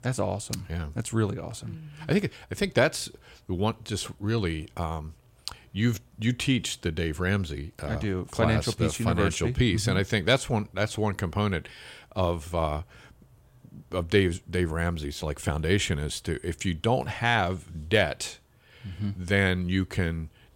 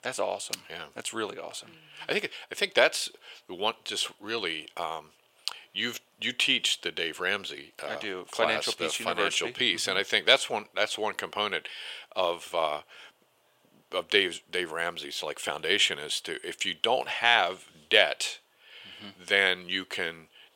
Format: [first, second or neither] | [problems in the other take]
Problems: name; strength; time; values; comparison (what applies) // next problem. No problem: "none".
first | thin; very; fading below 550 Hz